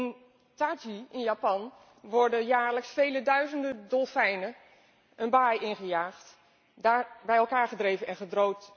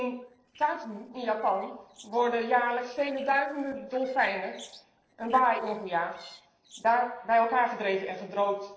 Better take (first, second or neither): first